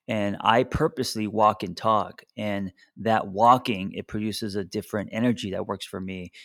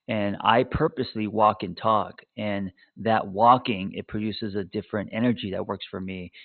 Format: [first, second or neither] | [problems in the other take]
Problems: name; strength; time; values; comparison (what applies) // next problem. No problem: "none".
first | garbled, watery; badly; nothing above 4 kHz